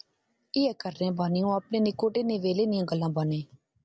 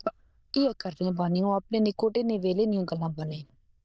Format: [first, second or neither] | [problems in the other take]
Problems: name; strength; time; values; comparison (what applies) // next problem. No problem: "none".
first | noise reduction (neural diffusion model UNIVERSE++)